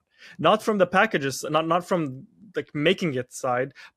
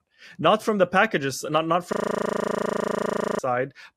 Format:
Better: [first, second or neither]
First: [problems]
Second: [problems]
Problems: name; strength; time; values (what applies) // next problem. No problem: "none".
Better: first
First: none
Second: audio freezing; at 2 s for 1.5 s